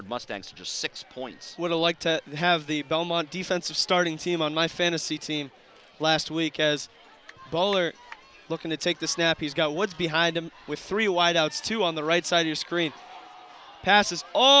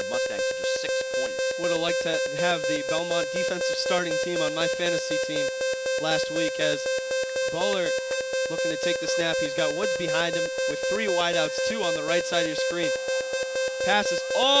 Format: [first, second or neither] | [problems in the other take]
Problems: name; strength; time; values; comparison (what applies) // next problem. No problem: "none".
first | background sound (Alarm); 3 dB above the speech